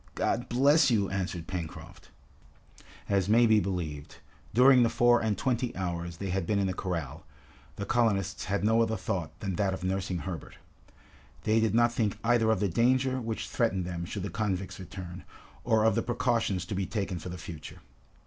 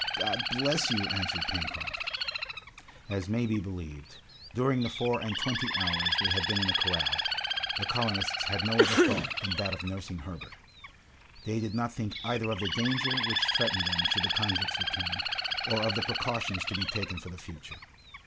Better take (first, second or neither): first